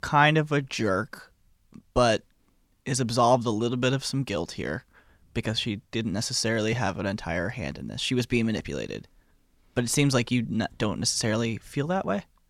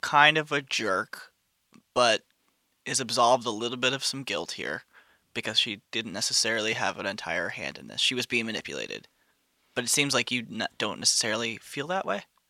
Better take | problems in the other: first | thin; somewhat; fading below 800 Hz

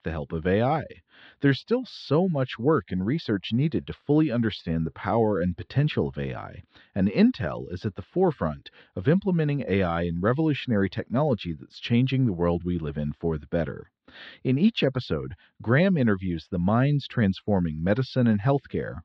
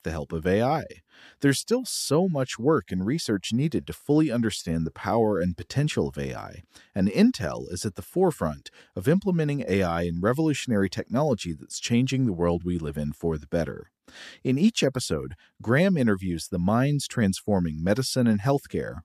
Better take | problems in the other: second | muffled; slightly; fading above 4 kHz

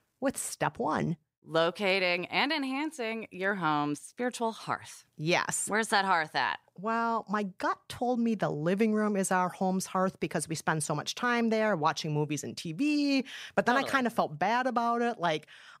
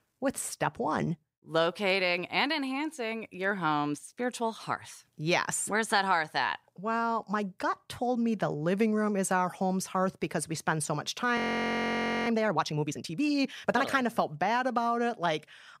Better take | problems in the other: first | audio freezing; at 11 s for 1 s

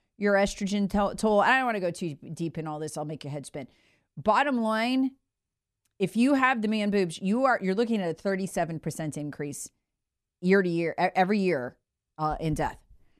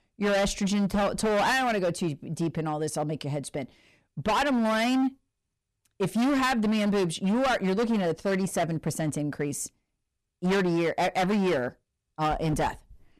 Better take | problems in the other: first | distortion; heavy; 18% of the sound clipped

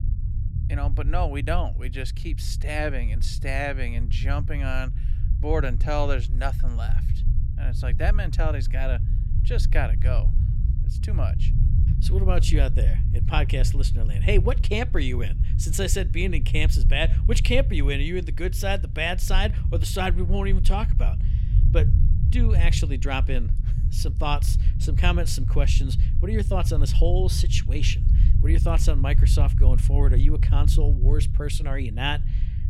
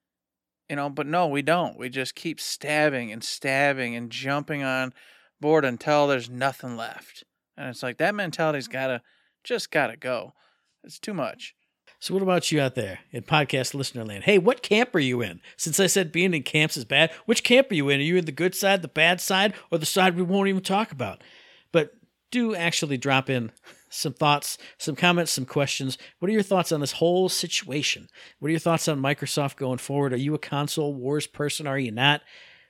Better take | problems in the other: second | low rumble; noticeable; throughout; 10 dB below the speech

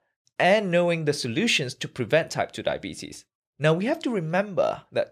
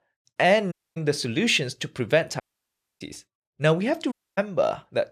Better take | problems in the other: first | audio cutting out; at 0.5 s, at 2.5 s for 0.5 s and at 4 s

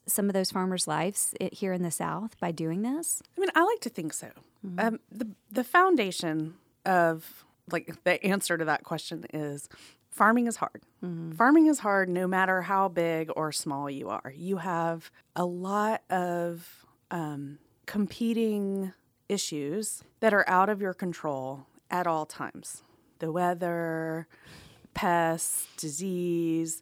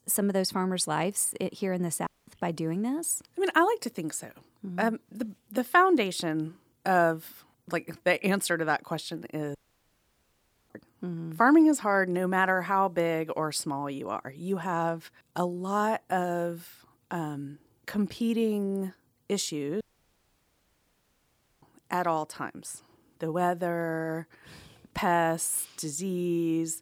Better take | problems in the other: first | audio cutting out; at 2 s, at 9.5 s for 1 s and at 20 s for 2 s

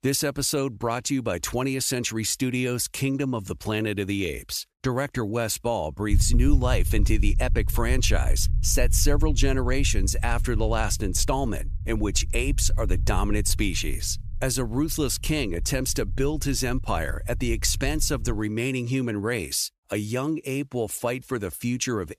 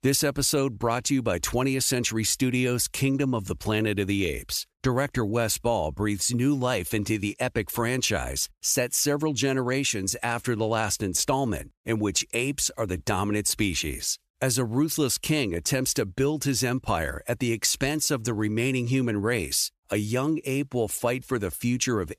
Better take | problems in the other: second | low rumble; noticeable; from 6 to 18 s; 20 dB below the speech

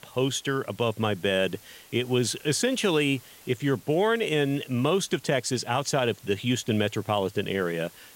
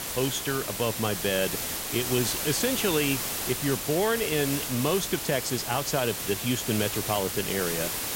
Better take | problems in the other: first | hiss; loud; throughout; 2 dB below the speech; faint in the first

